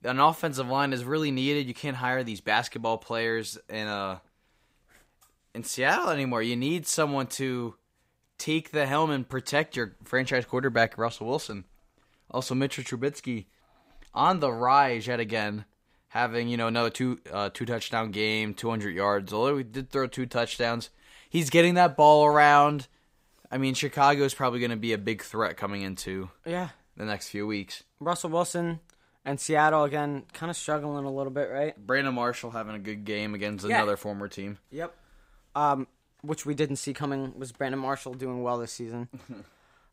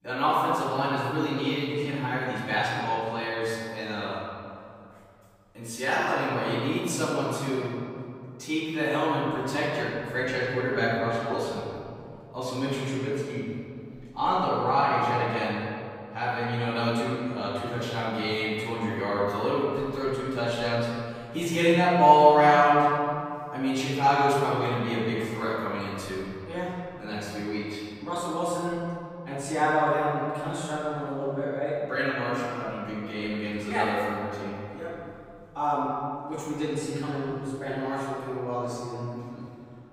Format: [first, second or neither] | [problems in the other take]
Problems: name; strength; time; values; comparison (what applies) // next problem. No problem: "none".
first | off-mic speech; far // room echo; strong; dies away in 2.4 s